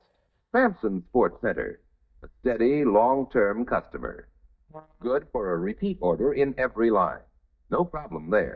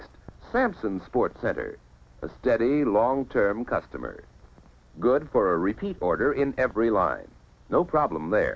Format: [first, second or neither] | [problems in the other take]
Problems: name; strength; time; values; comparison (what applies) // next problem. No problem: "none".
second | noise reduction (neural mask model DeepFilterNet 3)